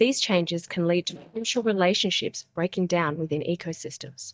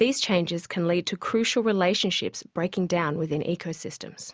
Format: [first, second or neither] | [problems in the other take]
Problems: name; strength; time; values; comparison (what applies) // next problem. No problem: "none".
second | noise reduction (neural mask model DeepFilterNet 3)